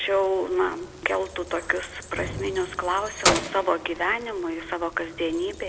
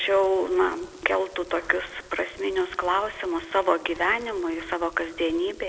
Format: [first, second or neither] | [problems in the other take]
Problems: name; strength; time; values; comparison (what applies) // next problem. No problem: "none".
second | background sound (Keys jangling); 6 dB below the speech